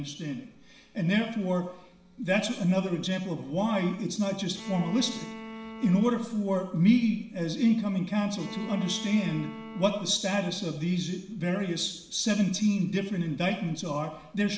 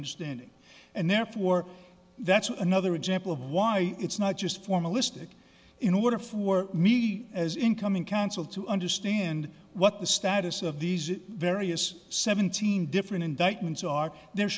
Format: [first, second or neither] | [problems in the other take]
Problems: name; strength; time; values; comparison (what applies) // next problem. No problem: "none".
second | background sound (Bowed string instrument); 14 dB below the speech // room echo; dies away in 0.7 s